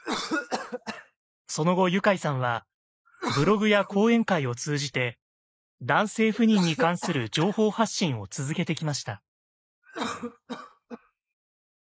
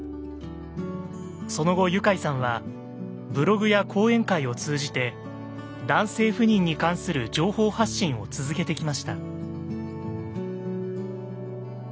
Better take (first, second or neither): second